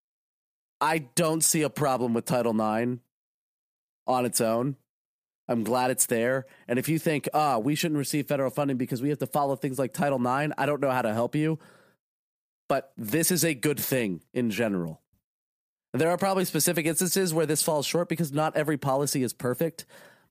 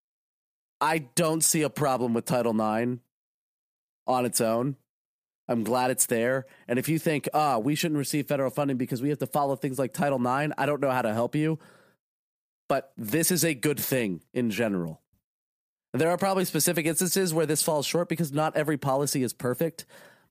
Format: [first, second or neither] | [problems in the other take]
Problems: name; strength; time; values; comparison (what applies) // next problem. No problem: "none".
neither | none